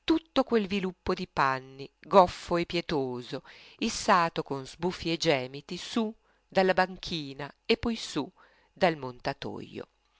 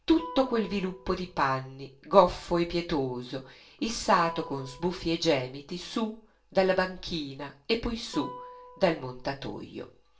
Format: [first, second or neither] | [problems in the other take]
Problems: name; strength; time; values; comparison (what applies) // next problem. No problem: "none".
first | background sound (Guitar); 19 dB below the speech // room echo; dies away in 0.3 s